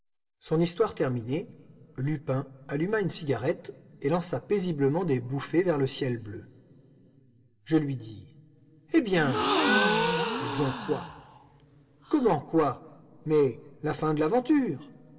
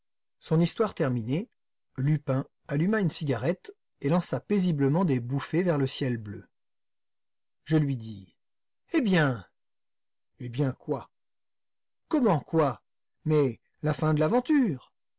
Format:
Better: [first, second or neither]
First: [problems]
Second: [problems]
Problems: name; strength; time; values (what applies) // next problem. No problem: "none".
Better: second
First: background sound (Gasp); as loud as the speech // room echo; dies away in 2.2 s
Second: none